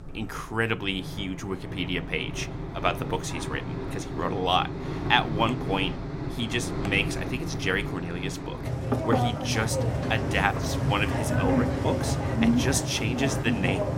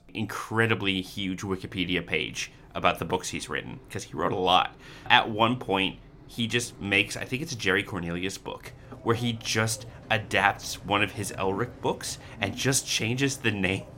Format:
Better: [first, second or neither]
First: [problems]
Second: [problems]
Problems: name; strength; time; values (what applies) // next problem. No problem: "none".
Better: second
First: machinery noise; loud; throughout; 1 dB below the speech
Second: machinery noise; faint; throughout; 20 dB below the speech